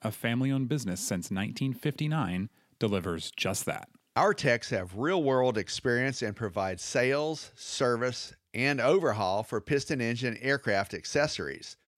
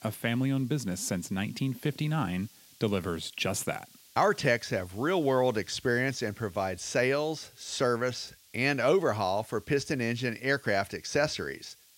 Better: first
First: none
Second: hiss; faint; throughout; 25 dB below the speech

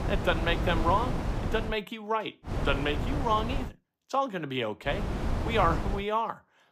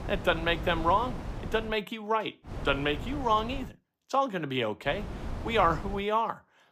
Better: second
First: wind noise on the microphone; heavy; until 1.5 s, from 2.5 to 3.5 s and from 5 to 6 s; 8 dB below the speech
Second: wind noise on the microphone; occasional gusts; until 1.5 s, from 2.5 to 3.5 s and from 5 to 6 s; 15 dB below the speech

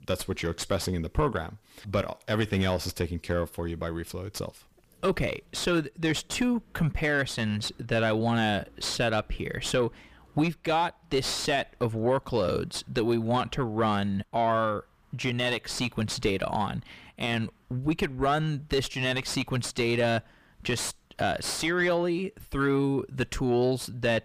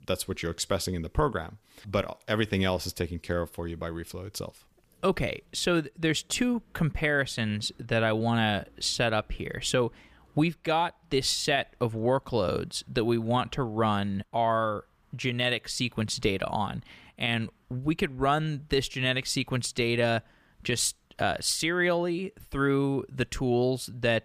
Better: second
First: distortion; slight; 10 dB below the speech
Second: none

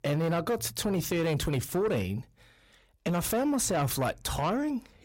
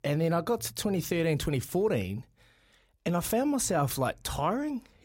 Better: second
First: distortion; slight; 10 dB below the speech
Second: none

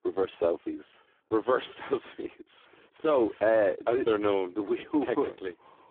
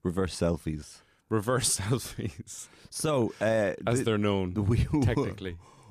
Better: second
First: phone-call audio; poor line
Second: none

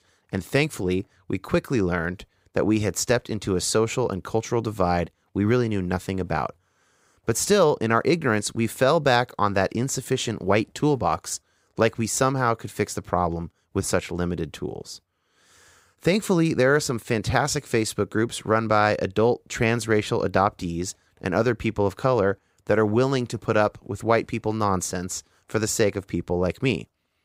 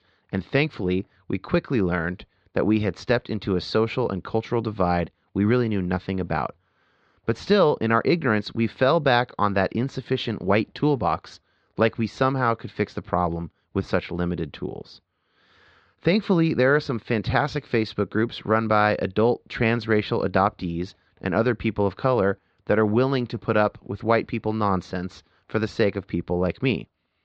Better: first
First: none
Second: muffled; slightly; fading above 4.5 kHz

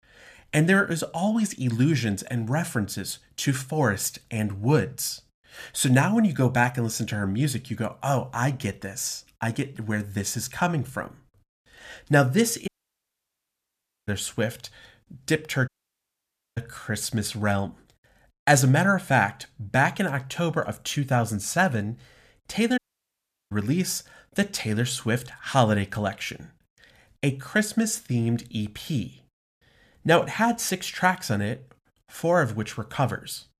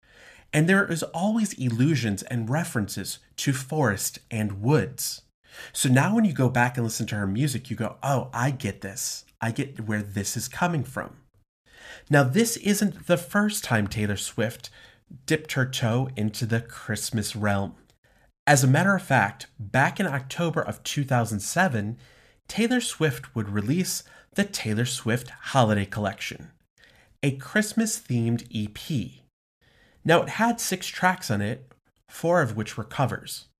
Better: second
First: audio cutting out; at 13 s for 1.5 s, at 16 s for 1 s and at 23 s for 0.5 s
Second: none

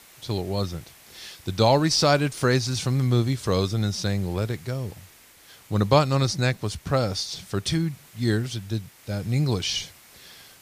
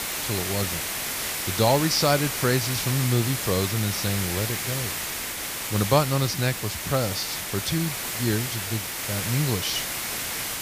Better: first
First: hiss; faint; throughout; 25 dB below the speech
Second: hiss; loud; throughout; 2 dB below the speech

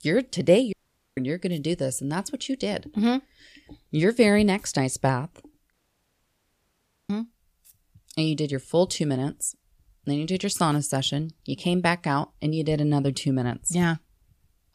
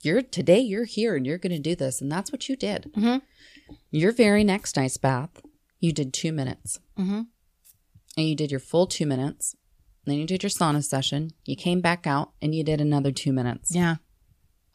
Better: second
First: audio cutting out; at 0.5 s and at 5.5 s for 1.5 s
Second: none

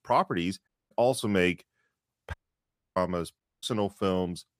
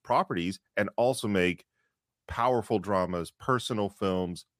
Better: second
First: audio cutting out; at 0.5 s, at 2.5 s for 0.5 s and at 3.5 s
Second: none

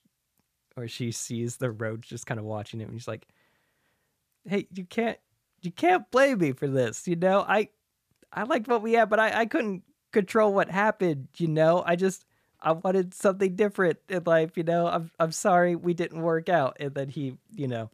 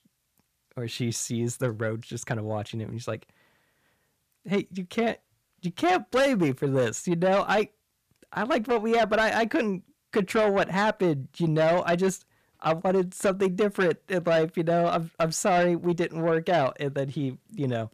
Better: first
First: none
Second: distortion; slight; 10 dB below the speech

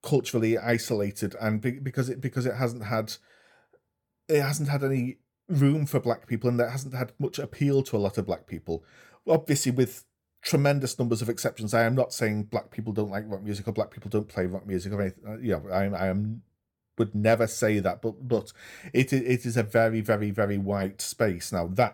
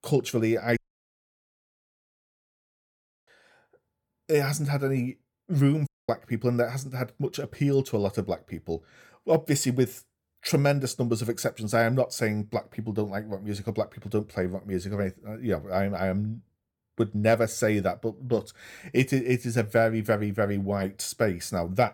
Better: first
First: none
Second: audio cutting out; at 1 s for 2.5 s and at 6 s

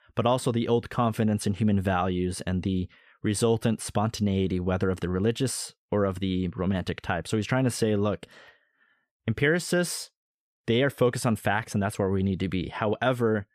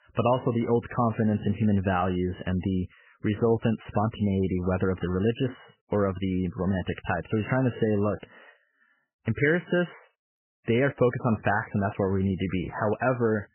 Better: first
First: none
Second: garbled, watery; badly; nothing above 3 kHz

